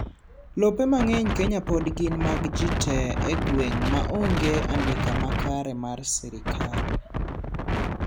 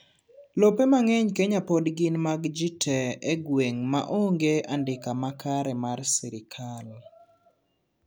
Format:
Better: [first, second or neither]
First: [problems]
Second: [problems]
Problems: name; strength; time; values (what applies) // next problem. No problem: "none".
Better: second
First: background sound (Wind); as loud as the speech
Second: none